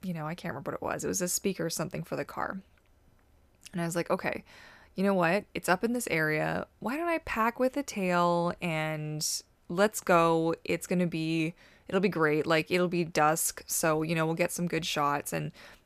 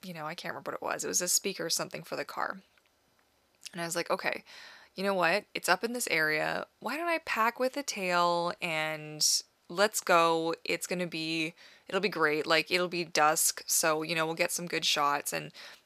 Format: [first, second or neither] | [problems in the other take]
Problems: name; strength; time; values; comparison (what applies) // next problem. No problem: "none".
first | thin; somewhat; fading below 600 Hz